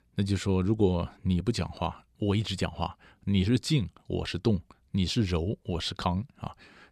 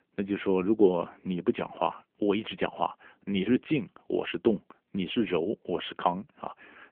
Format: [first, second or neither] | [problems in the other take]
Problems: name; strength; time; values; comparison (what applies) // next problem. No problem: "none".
first | phone-call audio; nothing above 3.5 kHz